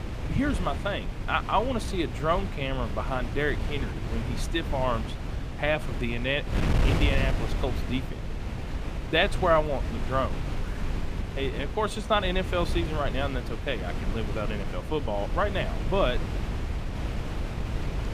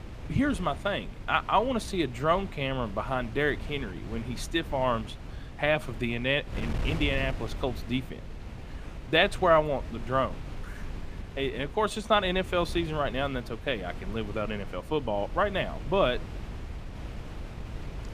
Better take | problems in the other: second | wind noise on the microphone; heavy; 10 dB below the speech; occasional gusts in the second

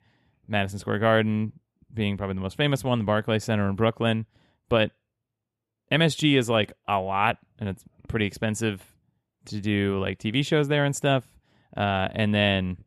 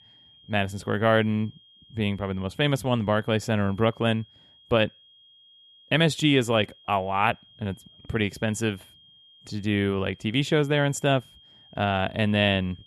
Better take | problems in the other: first | high-pitched whine; faint; throughout; 3 kHz, 25 dB below the speech

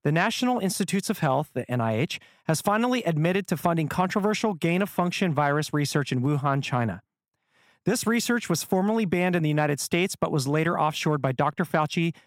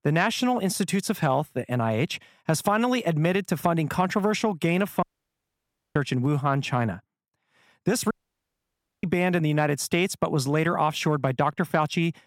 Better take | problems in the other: first | audio cutting out; at 5 s for 1 s and at 8 s for 1 s

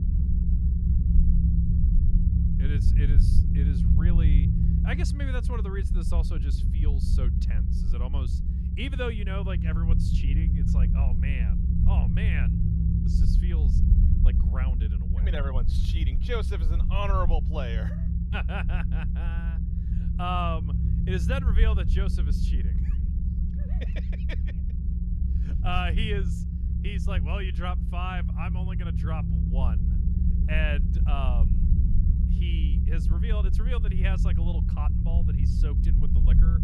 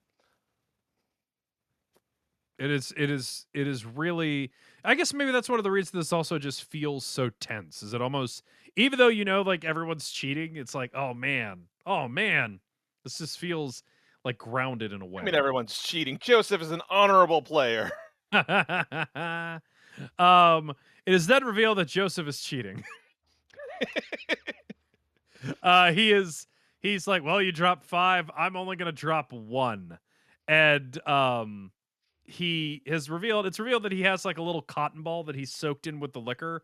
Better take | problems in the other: second | low rumble; loud; throughout; 5 dB below the speech

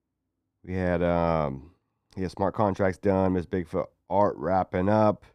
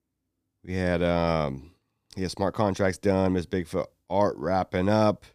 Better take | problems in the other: second | muffled; slightly; fading above 2.5 kHz

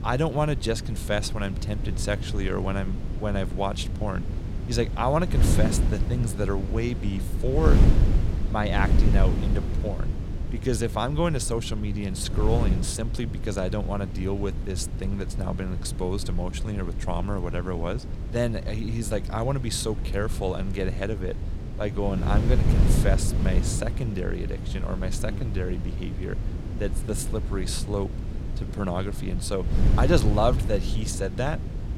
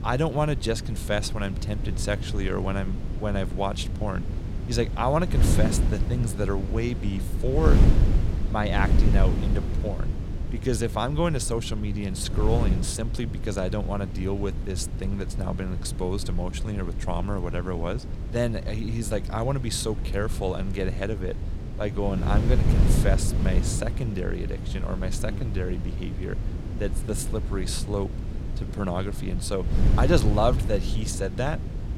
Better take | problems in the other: neither | wind noise on the microphone; heavy; 9 dB below the speech; the same in both

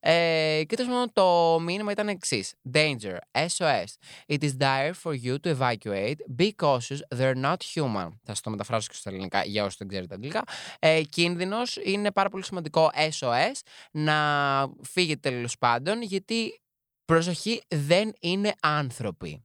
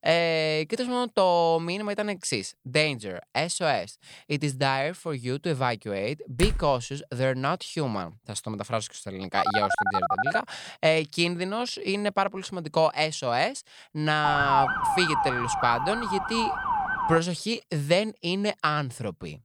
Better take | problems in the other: first | door banging; noticeable; at 6.5 s; peak 4 dB below the speech // phone ringing; loud; from 9.5 to 10 s; peak 2 dB above the speech // siren; loud; from 14 to 17 s; peak 3 dB above the speech

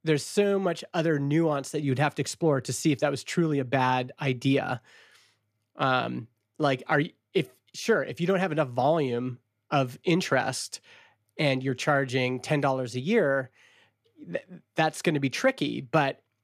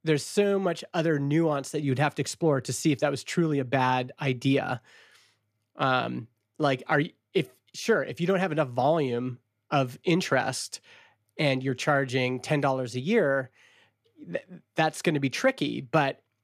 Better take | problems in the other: neither | none

